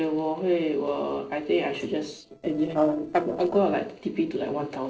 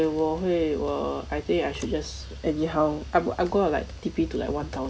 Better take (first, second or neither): second